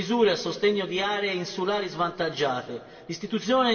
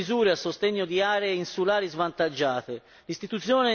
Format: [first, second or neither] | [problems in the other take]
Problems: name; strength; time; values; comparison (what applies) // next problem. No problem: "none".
second | room echo; dies away in 2.8 s